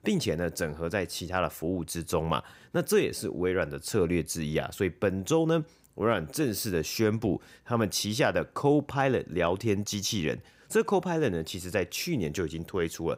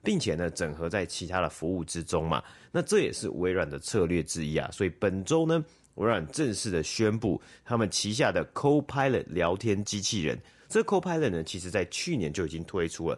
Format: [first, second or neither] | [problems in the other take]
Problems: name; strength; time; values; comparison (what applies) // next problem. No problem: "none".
first | garbled, watery; slightly; nothing above 10.5 kHz